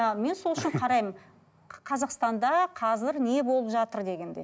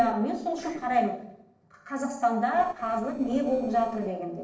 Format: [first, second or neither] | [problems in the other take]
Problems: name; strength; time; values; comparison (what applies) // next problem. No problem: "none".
first | noise reduction (neural separator model SepFormer DNS4)